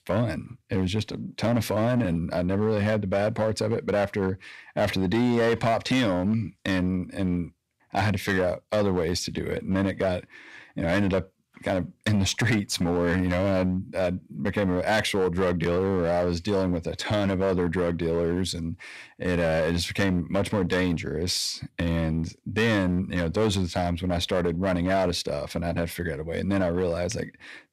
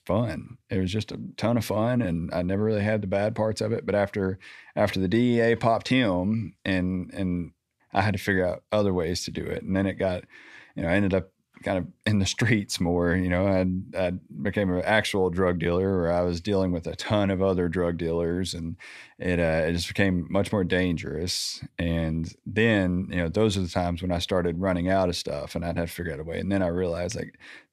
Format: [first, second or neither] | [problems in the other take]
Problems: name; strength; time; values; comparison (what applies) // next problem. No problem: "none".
second | distortion; slight; 9% of the sound clipped